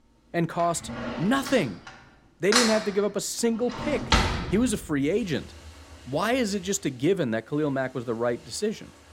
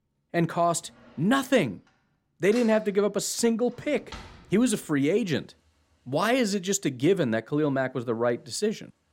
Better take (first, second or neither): second